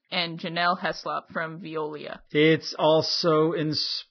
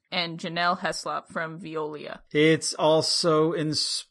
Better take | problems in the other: second | garbled, watery; badly; nothing above 5.5 kHz; slightly in the second

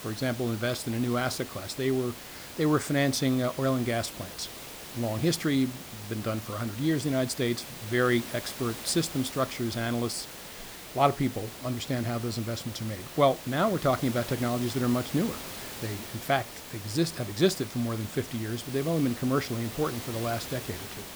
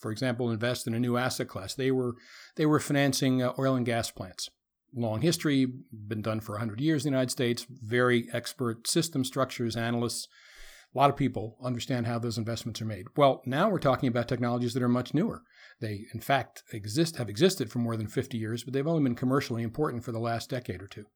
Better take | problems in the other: second | hiss; noticeable; throughout; 10 dB below the speech

